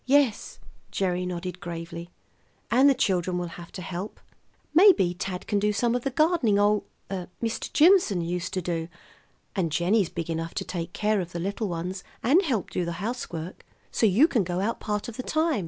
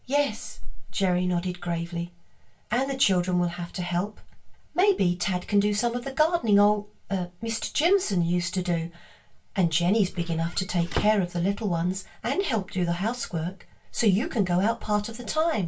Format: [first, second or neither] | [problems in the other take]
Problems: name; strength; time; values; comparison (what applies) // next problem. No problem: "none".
first | background sound (Squeak / Slam / Wood); 10 dB below the speech // room echo; dies away in 0.2 s